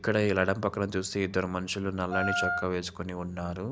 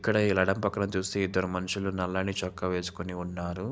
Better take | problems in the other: second | background sound (Wind instrument, woodwind instrument); 2 dB below the speech

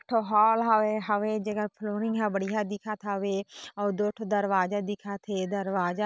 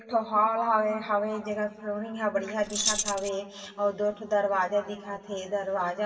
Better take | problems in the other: first | background sound (Keys jangling); 1 dB below the speech // room echo; dies away in 2.5 s

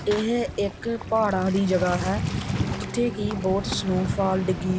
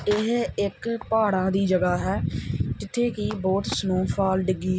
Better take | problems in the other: second | background sound (Waves, surf); 10 dB below the speech

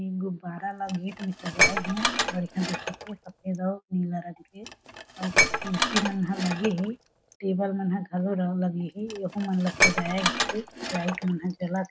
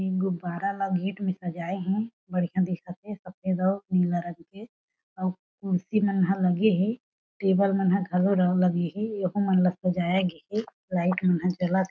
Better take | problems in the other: second | background sound (Dishes, pots, and pans); 1 dB above the speech

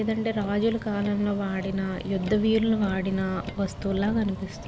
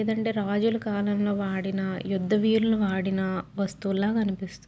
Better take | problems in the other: second | background sound (Motor vehicle (road)); 12 dB below the speech

